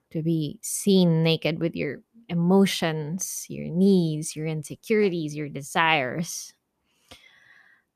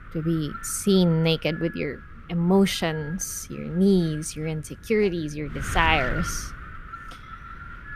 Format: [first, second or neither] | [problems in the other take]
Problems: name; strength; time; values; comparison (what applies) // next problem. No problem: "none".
first | wind noise on the microphone; heavy; 10 dB below the speech